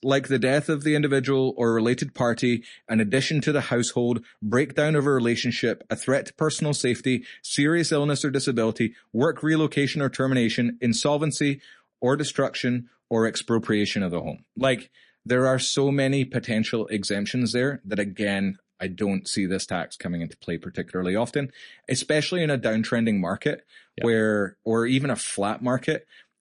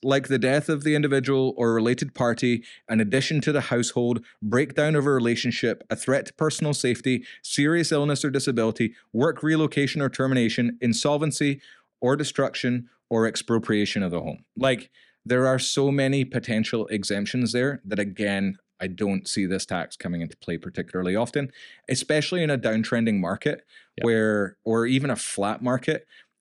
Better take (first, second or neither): second